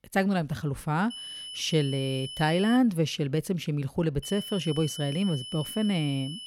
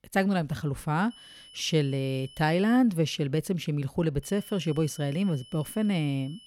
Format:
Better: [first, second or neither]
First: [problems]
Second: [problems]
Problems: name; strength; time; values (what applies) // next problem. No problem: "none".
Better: second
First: high-pitched whine; loud; from 1 to 3 s and from 4 s on; 3 kHz, 10 dB below the speech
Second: high-pitched whine; faint; from 1 to 3 s and from 4 s on; 3 kHz, 20 dB below the speech